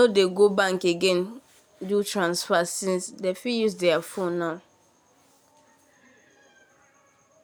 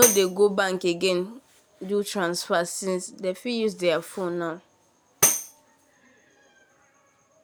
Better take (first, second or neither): first